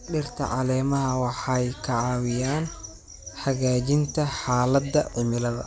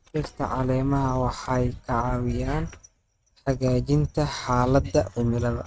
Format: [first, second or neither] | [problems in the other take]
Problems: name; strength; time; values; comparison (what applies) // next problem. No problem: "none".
first | noise reduction (neural mask model RNNoise)